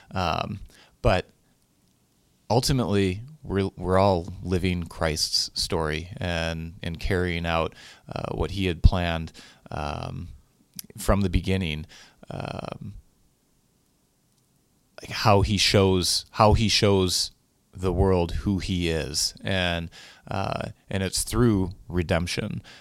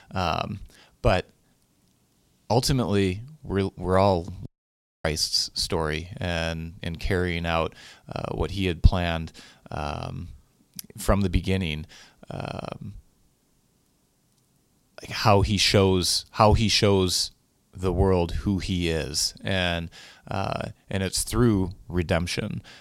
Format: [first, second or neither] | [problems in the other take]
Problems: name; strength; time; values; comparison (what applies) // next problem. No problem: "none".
first | audio cutting out; at 4.5 s for 0.5 s